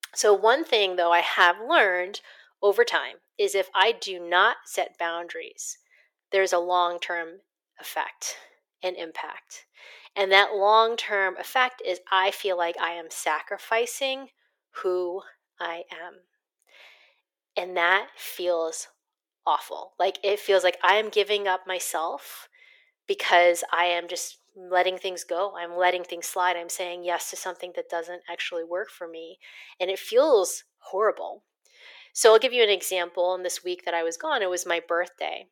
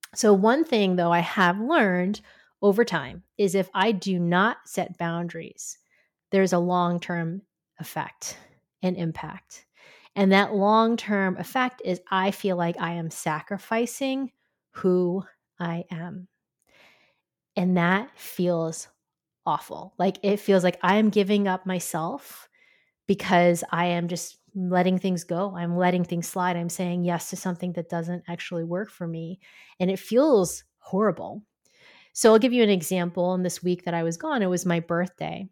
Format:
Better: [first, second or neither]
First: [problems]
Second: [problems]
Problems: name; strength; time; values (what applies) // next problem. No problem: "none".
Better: second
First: thin; very; fading below 400 Hz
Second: none